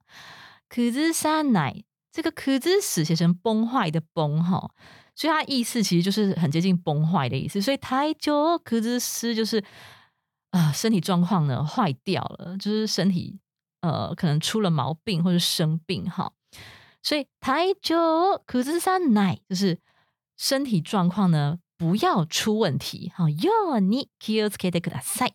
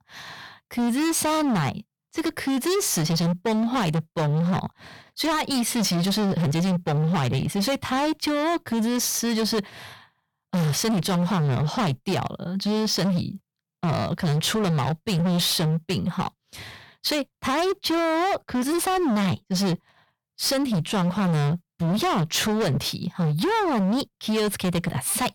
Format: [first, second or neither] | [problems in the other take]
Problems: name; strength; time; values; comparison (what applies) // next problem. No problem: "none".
first | distortion; heavy; 29% of the sound clipped